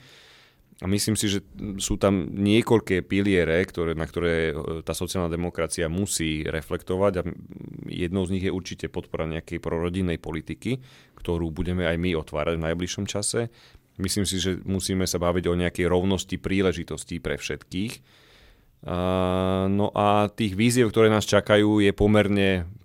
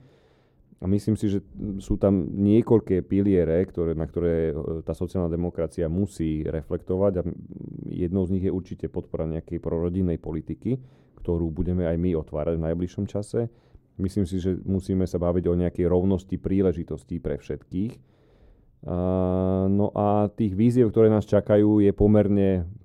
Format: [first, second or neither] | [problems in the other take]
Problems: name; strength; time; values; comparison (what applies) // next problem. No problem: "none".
first | muffled; very; fading above 1 kHz